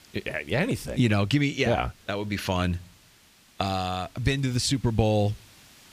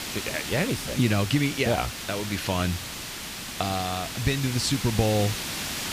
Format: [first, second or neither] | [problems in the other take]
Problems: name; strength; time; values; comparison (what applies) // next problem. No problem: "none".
first | hiss; loud; throughout; 6 dB below the speech; faint in the first